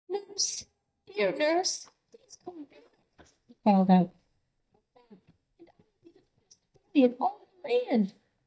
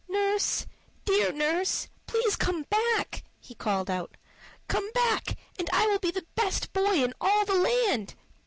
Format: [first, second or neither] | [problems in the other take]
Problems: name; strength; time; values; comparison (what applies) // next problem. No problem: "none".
second | noise reduction (neural mask model DeepFilterNet 3)